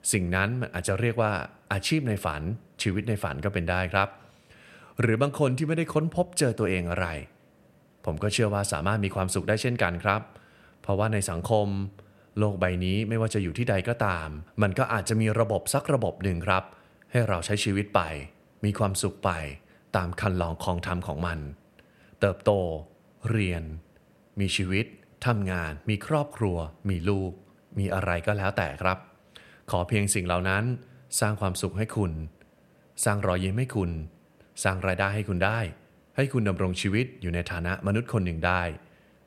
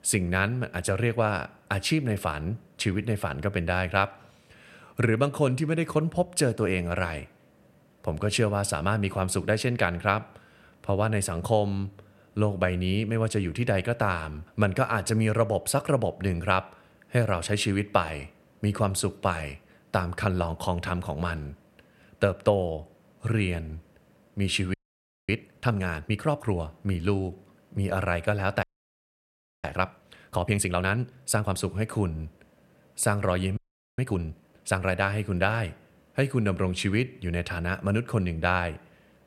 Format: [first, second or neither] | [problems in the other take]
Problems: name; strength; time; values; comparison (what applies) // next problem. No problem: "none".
first | audio freezing; at 25 s for 0.5 s, at 29 s for 1 s and at 34 s